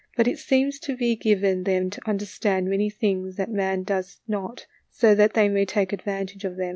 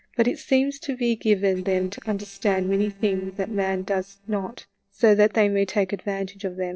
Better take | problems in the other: first | noise reduction (neural separator model SepFormer DNS4)

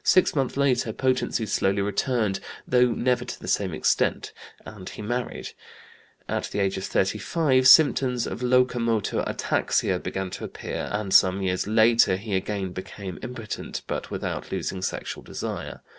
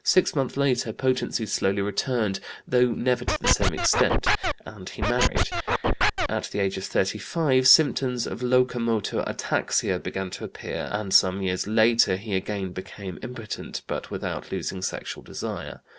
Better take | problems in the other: first | background sound (Scratching (performance technique)); 2 dB above the speech

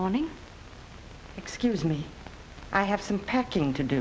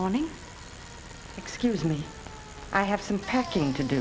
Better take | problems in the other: first | background sound (Bicycle); 15 dB below the speech

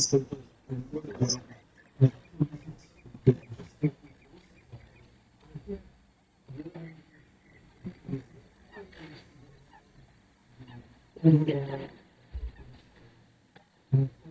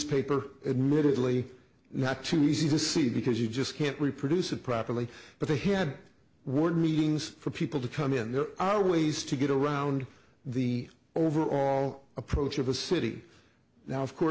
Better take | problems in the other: second | noise reduction (neural mask model DeepFilterNet 3)

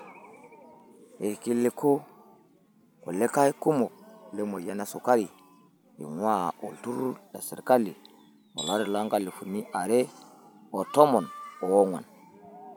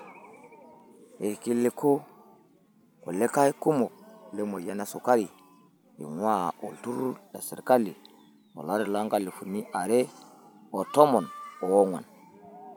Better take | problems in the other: second | background sound (Tools); 17 dB below the speech

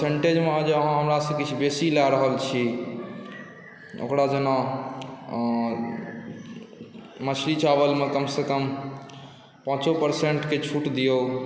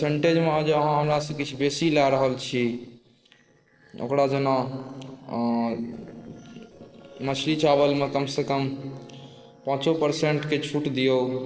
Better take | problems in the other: first | noise reduction (neural separator model SepFormer DNS4)

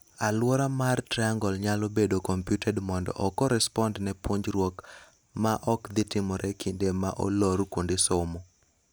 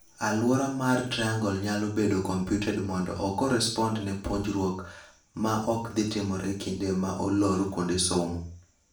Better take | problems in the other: first | room echo; dies away in 0.4 s

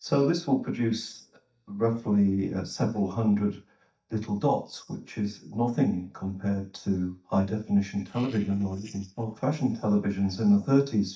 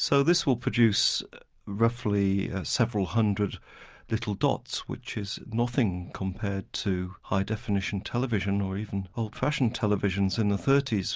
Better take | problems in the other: second | noise reduction (neural mask model DeepFilterNet 3)

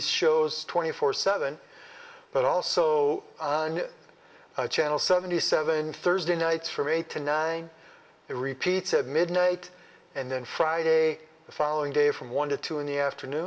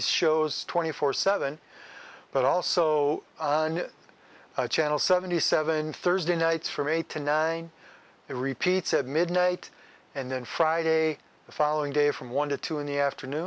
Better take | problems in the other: second | room echo; dies away in 1 s

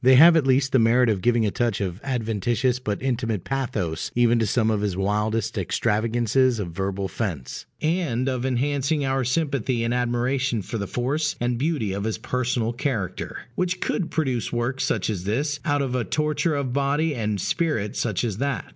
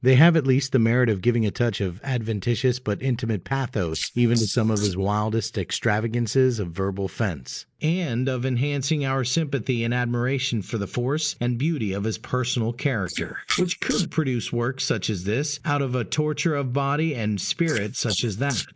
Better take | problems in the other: first | noise reduction (neural mask model Resemble Enhance denoiser)

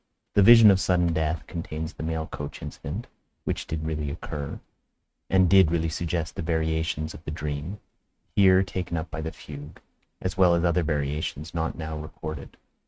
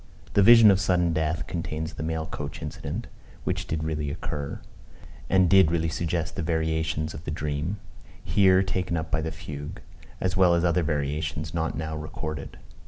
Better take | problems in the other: second | noise reduction (neural mask model RNNoise)

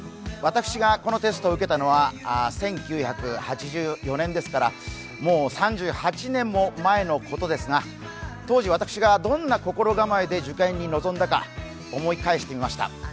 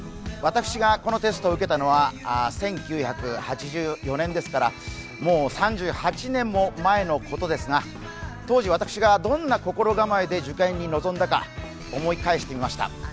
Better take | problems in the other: first | background sound (Drum kit + Explosion); 20 dB below the speech

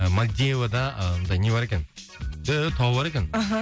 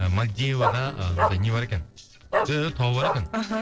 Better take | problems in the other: first | noise reduction (neural separator model SepFormer DNS4)

